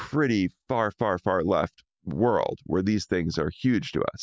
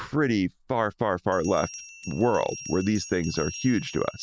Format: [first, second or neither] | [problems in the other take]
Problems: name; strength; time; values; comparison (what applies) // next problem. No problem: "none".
first | background sound (Bell); 16 dB below the speech